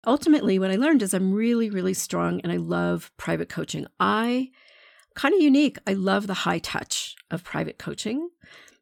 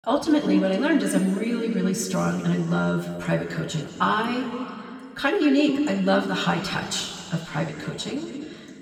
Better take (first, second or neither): first